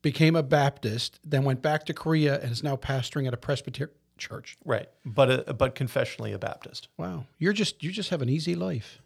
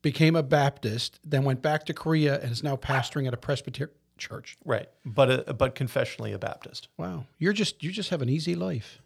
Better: first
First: none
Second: dog barking; noticeable; at 3 s; peak 4 dB below the speech

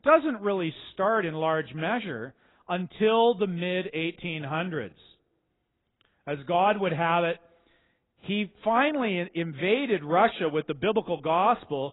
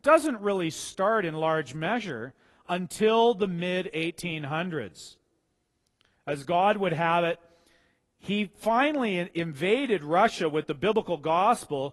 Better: second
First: garbled, watery; badly; nothing above 4 kHz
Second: garbled, watery; slightly; nothing above 11.5 kHz

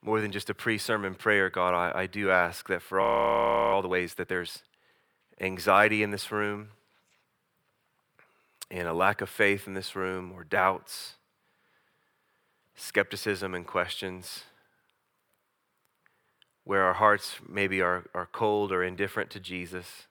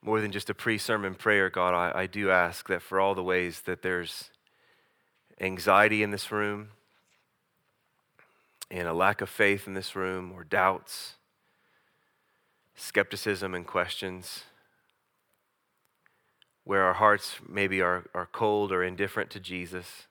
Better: second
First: audio freezing; at 3 s for 0.5 s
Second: none

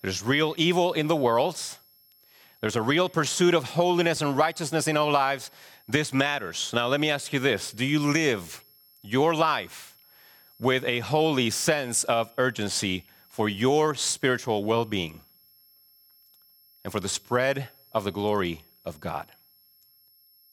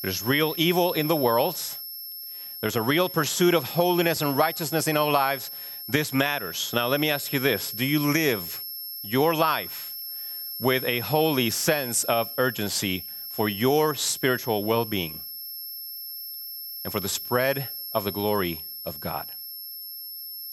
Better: first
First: high-pitched whine; faint; throughout; 11.5 kHz, 30 dB below the speech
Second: high-pitched whine; loud; throughout; 11.5 kHz, 8 dB below the speech

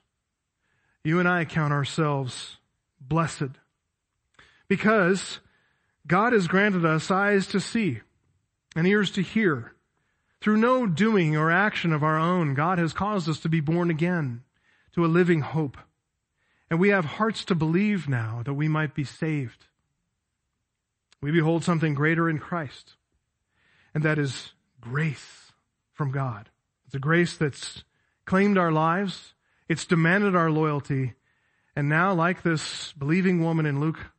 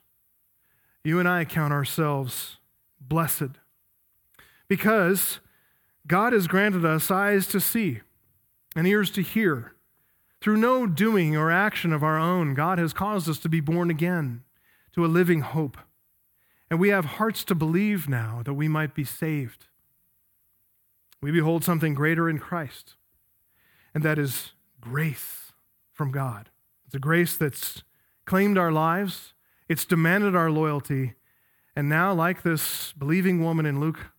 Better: second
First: garbled, watery; slightly; nothing above 8 kHz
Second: none

